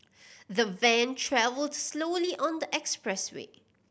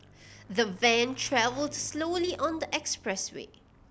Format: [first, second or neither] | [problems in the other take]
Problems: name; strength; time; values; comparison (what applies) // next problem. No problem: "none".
first | background sound (Motorcycle / Engine); 20 dB below the speech